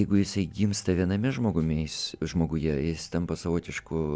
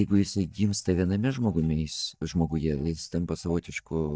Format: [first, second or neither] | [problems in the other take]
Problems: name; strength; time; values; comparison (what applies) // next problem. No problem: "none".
first | noise reduction (neural mask model DeepFilterNet 3)